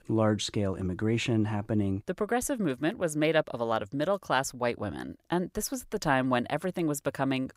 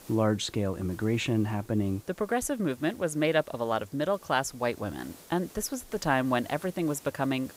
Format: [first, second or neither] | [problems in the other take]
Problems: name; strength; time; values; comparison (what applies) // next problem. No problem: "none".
first | hiss; faint; throughout; 20 dB below the speech